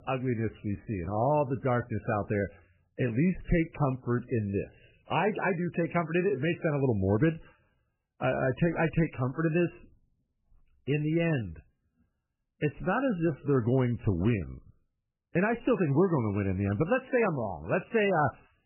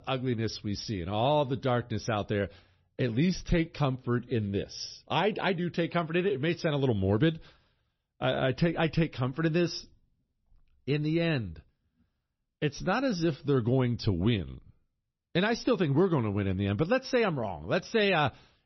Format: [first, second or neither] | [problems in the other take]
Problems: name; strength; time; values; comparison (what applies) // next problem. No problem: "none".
second | garbled, watery; badly; nothing above 3 kHz; slightly in the second